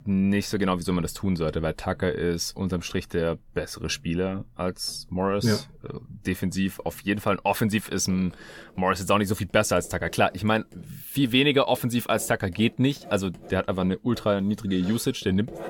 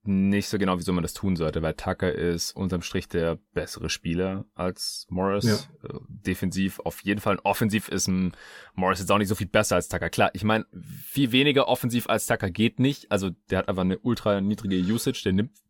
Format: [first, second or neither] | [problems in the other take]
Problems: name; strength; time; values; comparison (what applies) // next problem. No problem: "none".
second | household noises; faint; throughout; 25 dB below the speech